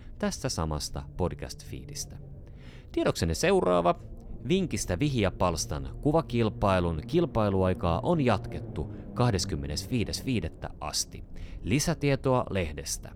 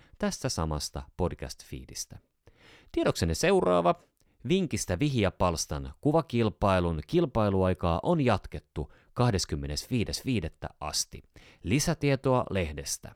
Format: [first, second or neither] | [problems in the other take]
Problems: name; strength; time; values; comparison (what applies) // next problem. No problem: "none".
second | low rumble; faint; throughout; 20 dB below the speech